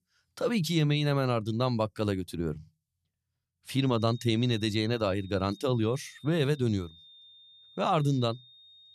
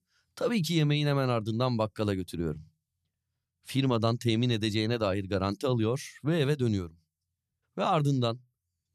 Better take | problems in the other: second | high-pitched whine; faint; from 3.5 s on; 3.5 kHz, 25 dB below the speech

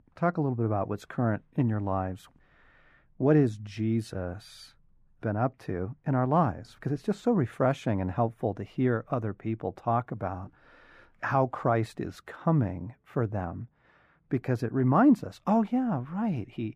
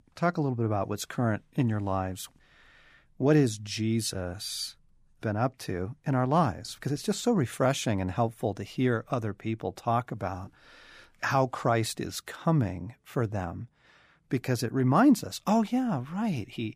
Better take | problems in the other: second | muffled; very; fading above 3 kHz

